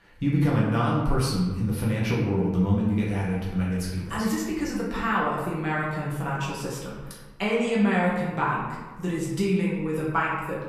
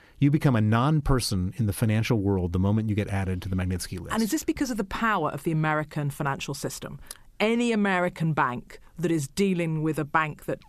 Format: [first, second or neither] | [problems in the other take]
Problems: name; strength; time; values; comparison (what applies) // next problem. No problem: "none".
second | room echo; noticeable; dies away in 1 s // off-mic speech; far